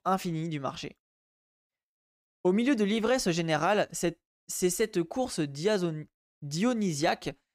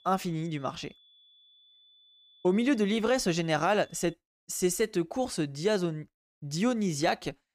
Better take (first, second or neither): first